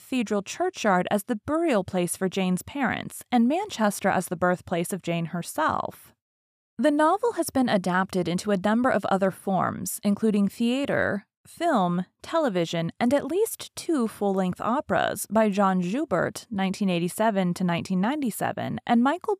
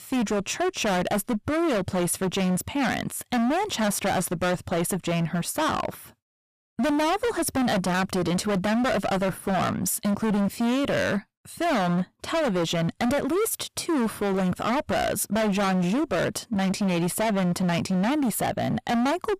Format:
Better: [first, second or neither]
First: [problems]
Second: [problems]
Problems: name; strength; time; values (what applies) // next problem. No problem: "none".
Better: first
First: none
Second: distortion; heavy; 30% of the sound clipped